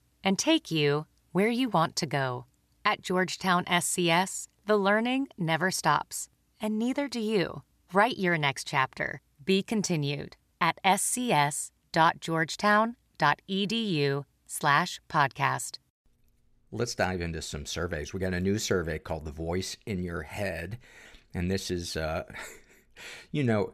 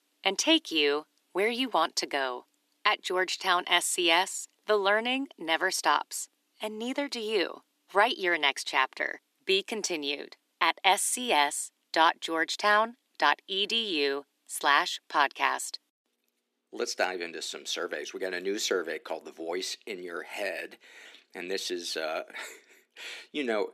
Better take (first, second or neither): first